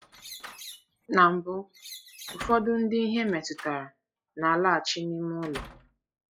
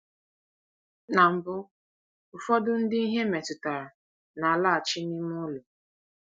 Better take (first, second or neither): second